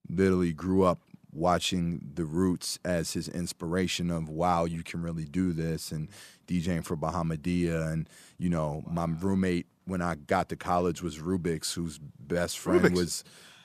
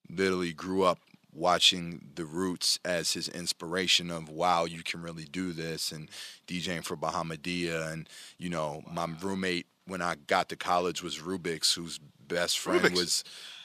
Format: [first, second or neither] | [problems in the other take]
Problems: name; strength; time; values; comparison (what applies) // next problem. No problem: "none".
first | thin; very slightly; fading below 950 Hz